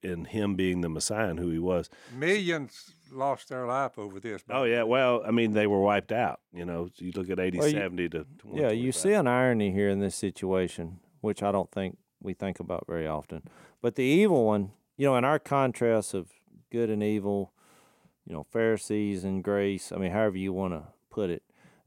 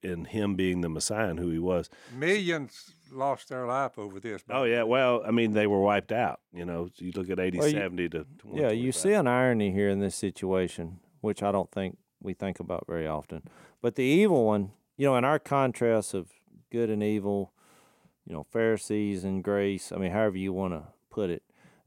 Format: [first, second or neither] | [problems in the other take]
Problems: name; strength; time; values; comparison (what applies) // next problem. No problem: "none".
neither | none